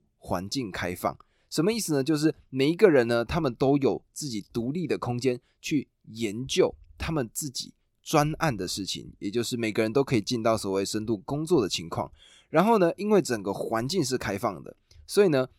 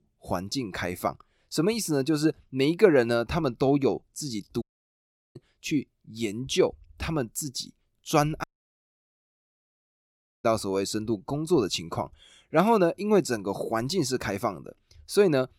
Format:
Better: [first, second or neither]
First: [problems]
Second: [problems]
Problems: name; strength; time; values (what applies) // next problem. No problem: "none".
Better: first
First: none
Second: audio cutting out; at 4.5 s for 0.5 s and at 8.5 s for 2 s